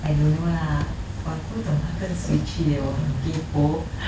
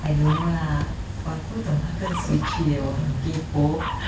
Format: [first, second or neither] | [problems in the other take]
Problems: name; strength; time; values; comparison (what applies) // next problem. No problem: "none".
first | background sound (Dog); 13 dB below the speech